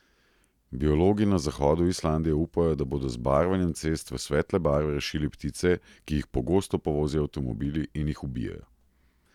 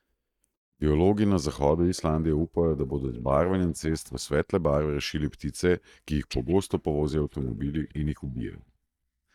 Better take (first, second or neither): first